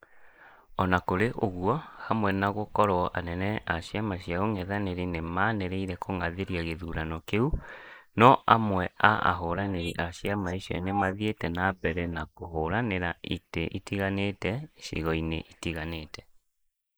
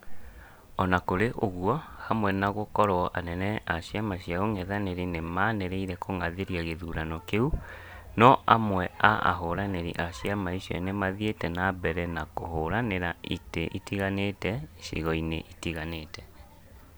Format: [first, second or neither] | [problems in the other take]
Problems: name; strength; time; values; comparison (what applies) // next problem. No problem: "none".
second | noise reduction (neural mask model Resemble Enhance denoiser)